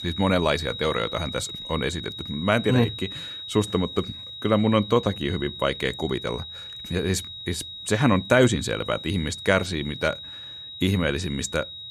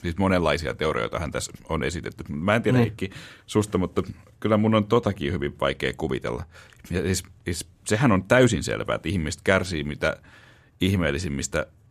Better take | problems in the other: second | high-pitched whine; loud; throughout; 4 kHz, 10 dB below the speech

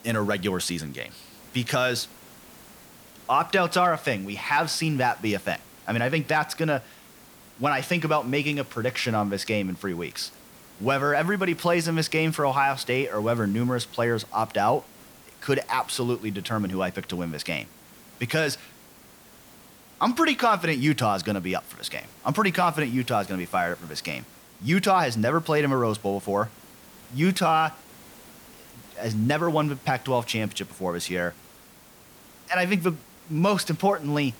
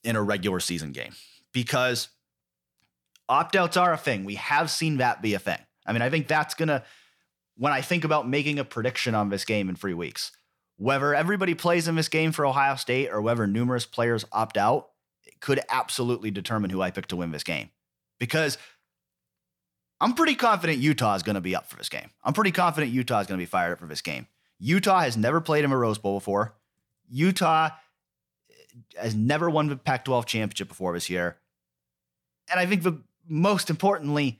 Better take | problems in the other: second | hiss; faint; throughout; 20 dB below the speech

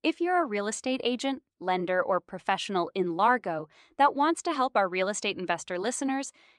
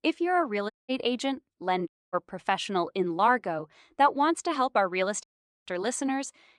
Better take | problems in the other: first | audio cutting out; at 0.5 s, at 2 s and at 5 s

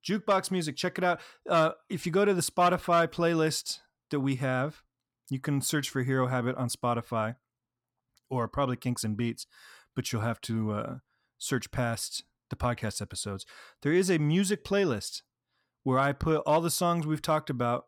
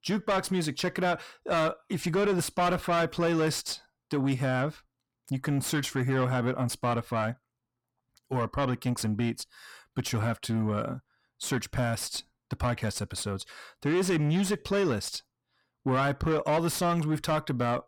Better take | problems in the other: first | distortion; slight; 10 dB below the speech

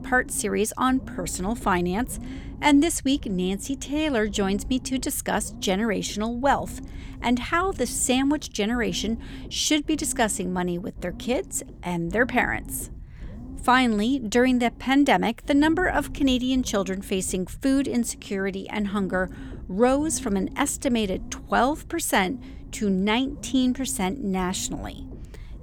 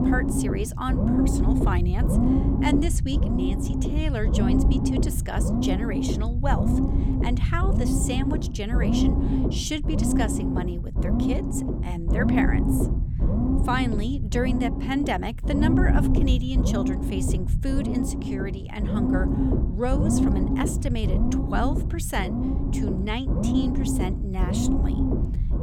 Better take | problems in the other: first | low rumble; loud; throughout; as loud as the speech; faint in the first

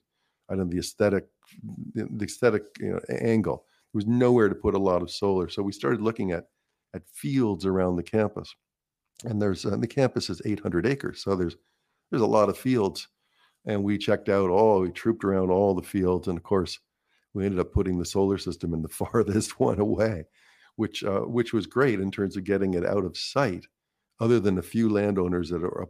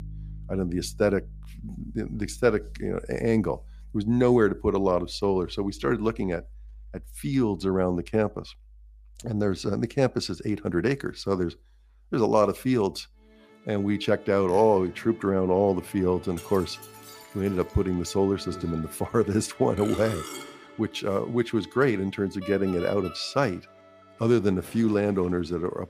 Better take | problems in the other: first | background music; noticeable; throughout; 20 dB below the speech

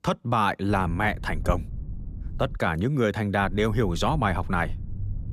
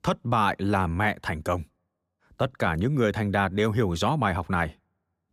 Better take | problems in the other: second | low rumble; faint; from 0.5 to 2.5 s and from 3.5 s on; 25 dB below the speech

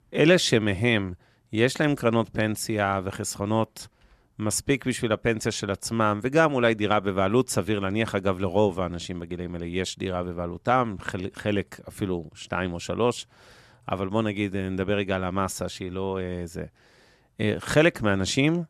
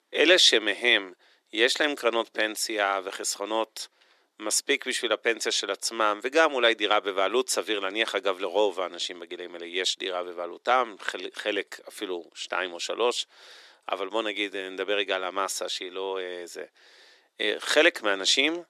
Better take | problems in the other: first | thin; very; fading below 350 Hz

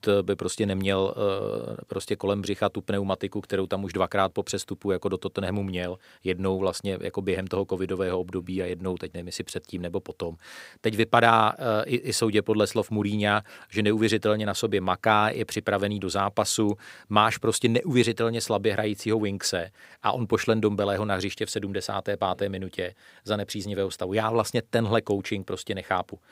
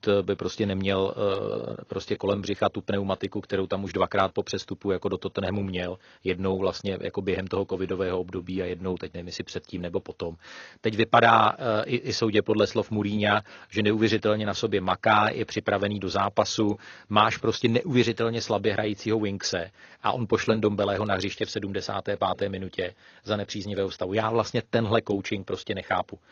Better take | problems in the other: first | garbled, watery; slightly; nothing above 6.5 kHz

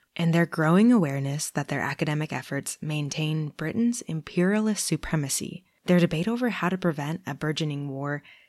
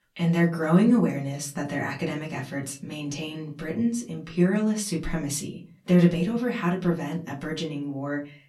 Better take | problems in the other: first | off-mic speech; far // room echo; very slight; dies away in 0.3 s

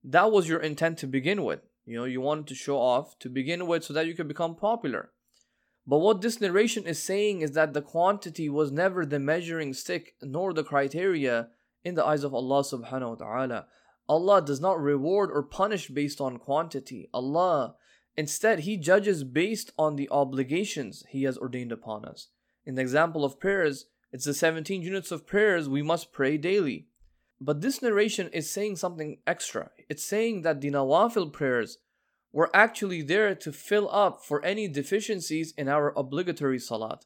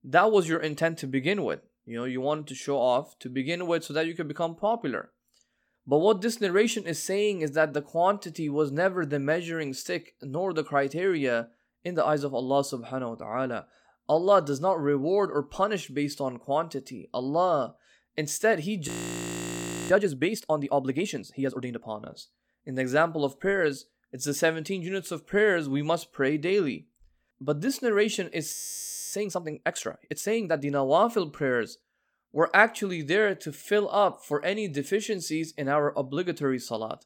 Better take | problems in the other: first | audio freezing; at 19 s for 1 s and at 29 s for 0.5 s

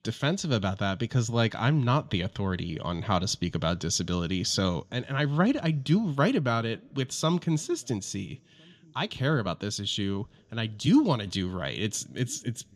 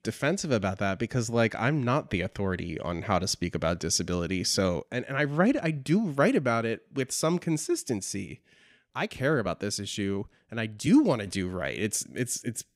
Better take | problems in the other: second | room echo; slight; dies away in 3 s

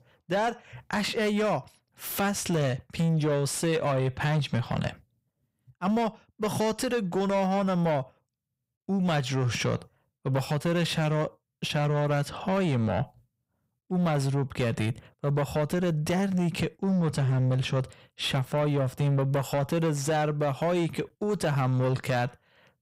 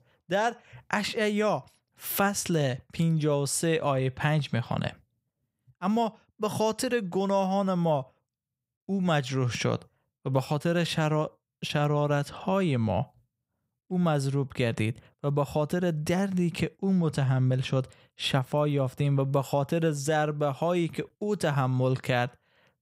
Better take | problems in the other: second | distortion; slight; 10 dB below the speech

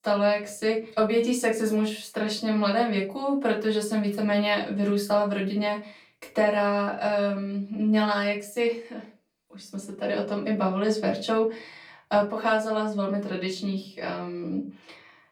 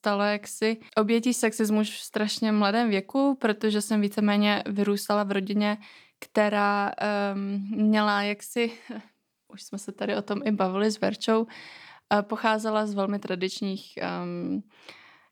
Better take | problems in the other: second | off-mic speech; far // room echo; slight; dies away in 0.3 s

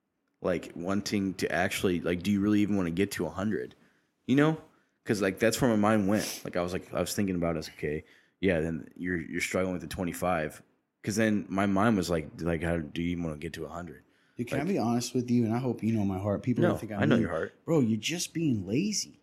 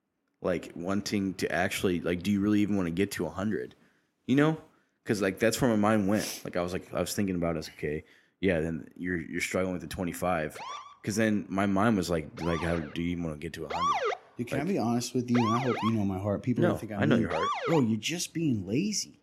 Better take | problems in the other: first | siren; loud; from 11 to 18 s; peak 1 dB above the speech

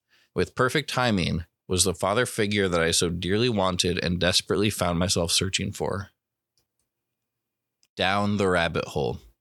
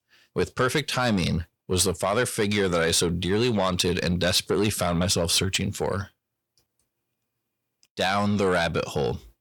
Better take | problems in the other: first | distortion; slight; 10 dB below the speech

